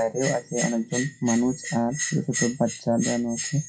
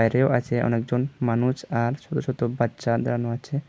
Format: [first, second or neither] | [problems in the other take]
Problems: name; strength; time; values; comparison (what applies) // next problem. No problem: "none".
second | noise reduction (classical method WPE with log-MMSE)